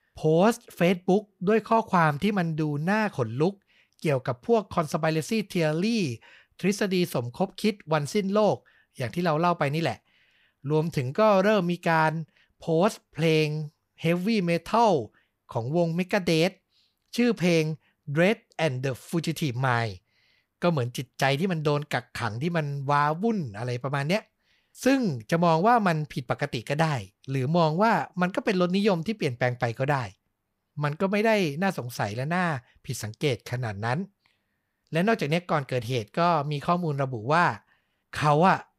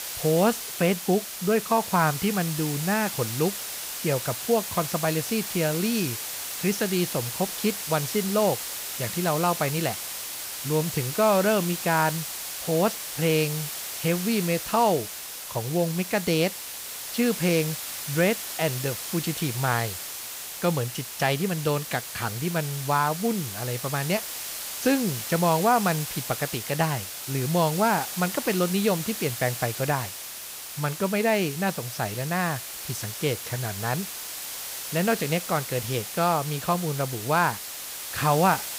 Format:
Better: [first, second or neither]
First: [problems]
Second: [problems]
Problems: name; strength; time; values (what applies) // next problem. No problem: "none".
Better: first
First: none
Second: hiss; loud; throughout; 6 dB below the speech